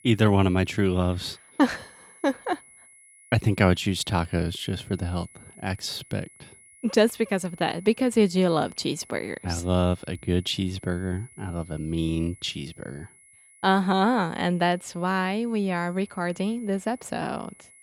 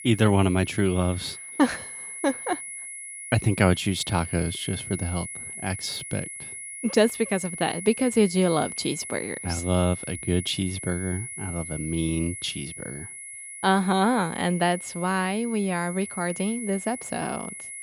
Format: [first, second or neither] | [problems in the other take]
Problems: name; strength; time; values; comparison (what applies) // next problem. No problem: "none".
first | high-pitched whine; loud; throughout; 10.5 kHz, 9 dB below the speech; faint in the first